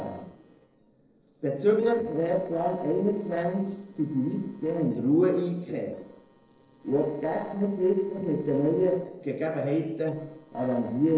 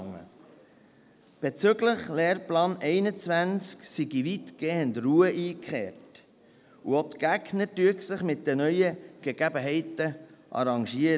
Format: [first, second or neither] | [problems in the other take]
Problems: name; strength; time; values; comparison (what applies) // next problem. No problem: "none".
second | noise reduction (neural separator model SepFormer DNS4)